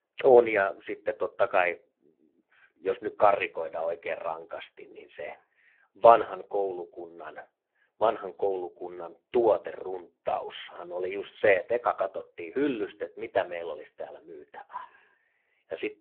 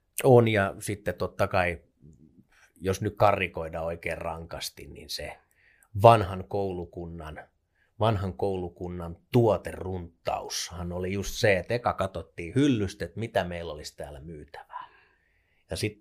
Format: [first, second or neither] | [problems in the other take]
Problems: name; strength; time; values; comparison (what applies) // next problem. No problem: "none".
second | phone-call audio; poor line